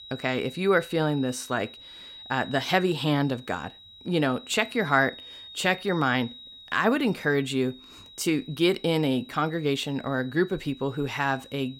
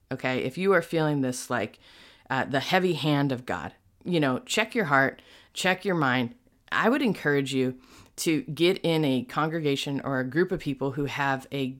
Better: second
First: high-pitched whine; noticeable; throughout; 4 kHz, 20 dB below the speech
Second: none

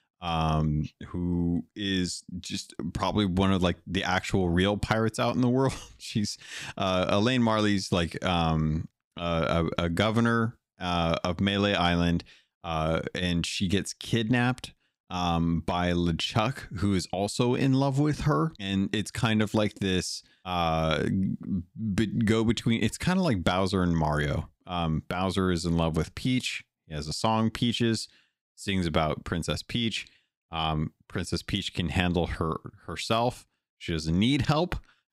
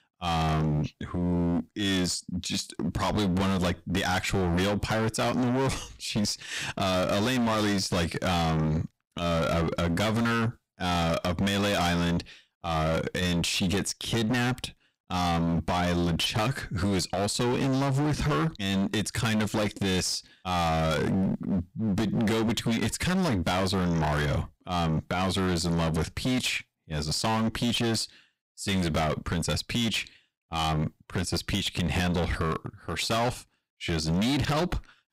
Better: first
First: none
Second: distortion; heavy; 26% of the sound clipped

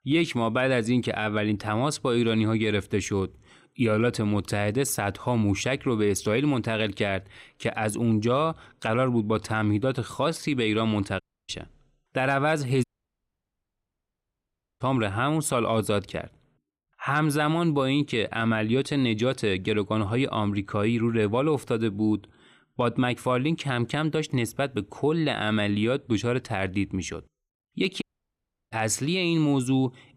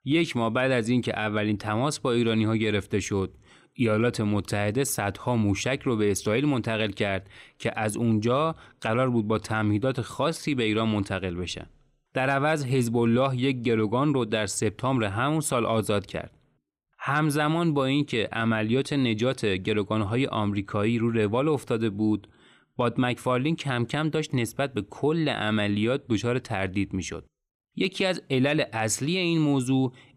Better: second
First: audio cutting out; at 11 s, at 13 s for 2 s and at 28 s for 0.5 s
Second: none

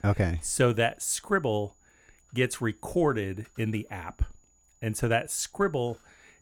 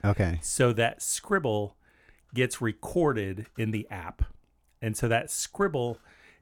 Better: second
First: high-pitched whine; faint; throughout; 7 kHz, 35 dB below the speech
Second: none

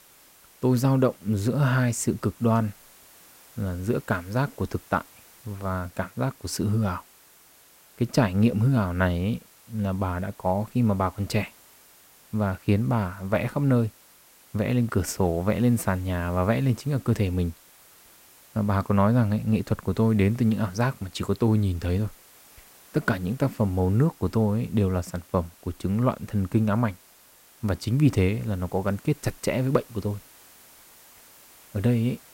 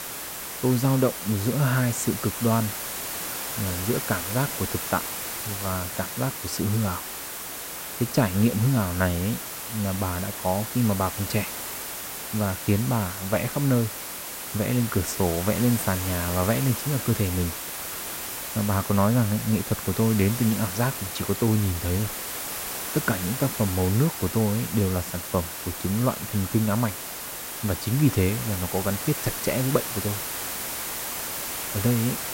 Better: first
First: hiss; faint; throughout; 25 dB below the speech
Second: hiss; loud; throughout; 5 dB below the speech

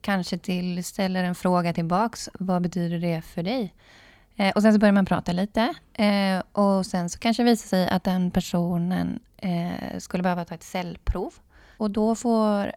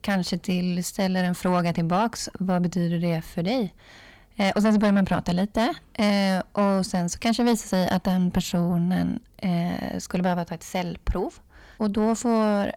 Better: first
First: none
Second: distortion; slight; 10 dB below the speech

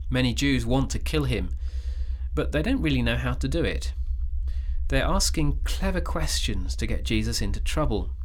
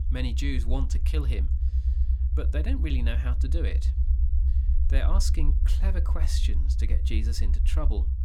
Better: first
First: low rumble; faint; throughout; 25 dB below the speech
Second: low rumble; loud; throughout; 8 dB below the speech

